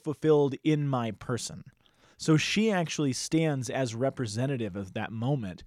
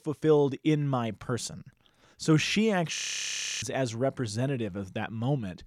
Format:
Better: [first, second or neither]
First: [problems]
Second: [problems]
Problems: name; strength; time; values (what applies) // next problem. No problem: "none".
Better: first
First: none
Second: audio freezing; at 3 s for 0.5 s